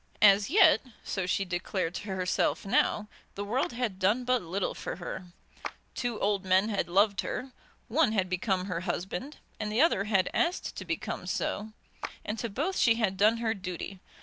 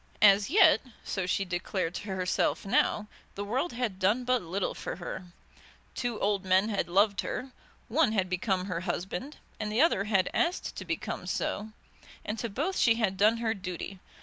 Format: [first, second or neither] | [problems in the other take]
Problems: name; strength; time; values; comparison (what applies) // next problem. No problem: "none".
second | noise reduction (neural separator model SepFormer DNS4)